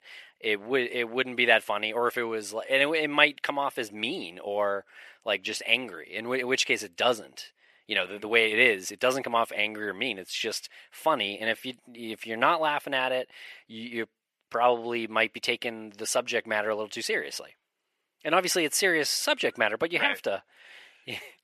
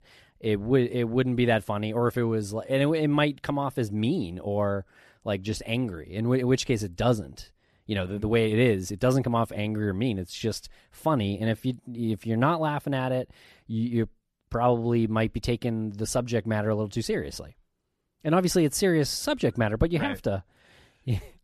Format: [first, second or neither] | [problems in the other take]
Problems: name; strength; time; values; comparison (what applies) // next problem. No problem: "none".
second | thin; very; fading below 550 Hz